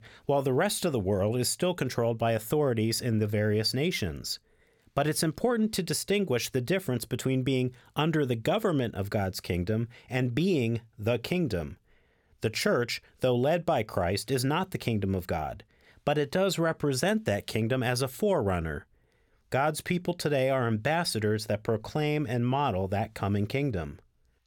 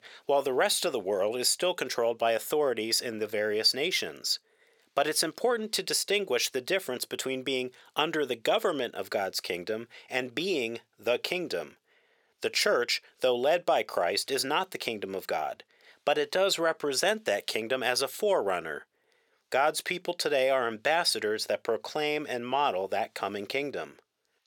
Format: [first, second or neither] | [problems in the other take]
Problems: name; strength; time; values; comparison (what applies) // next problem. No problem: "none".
first | thin; somewhat; fading below 500 Hz